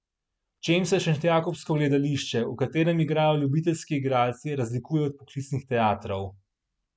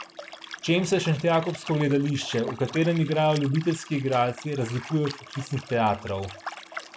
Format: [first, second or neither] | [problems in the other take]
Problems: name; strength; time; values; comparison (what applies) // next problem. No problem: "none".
first | background sound (Liquid); 15 dB below the speech